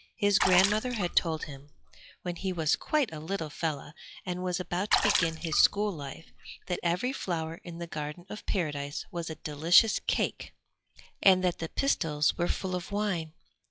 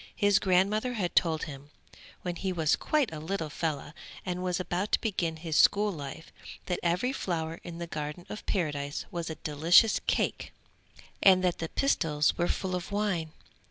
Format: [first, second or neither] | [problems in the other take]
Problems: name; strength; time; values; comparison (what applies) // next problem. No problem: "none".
second | noise reduction (classical method log-MMSE)